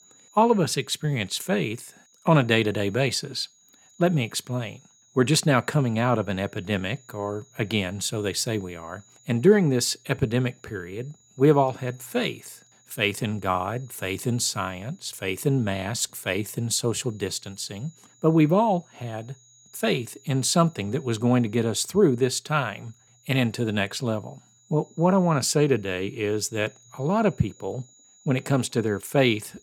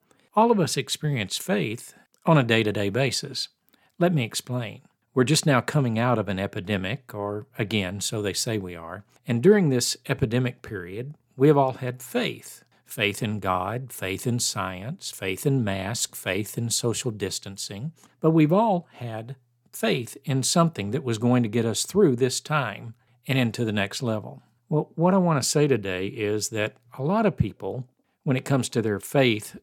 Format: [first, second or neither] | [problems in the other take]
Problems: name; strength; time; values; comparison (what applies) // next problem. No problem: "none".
second | high-pitched whine; faint; throughout; 7 kHz, 30 dB below the speech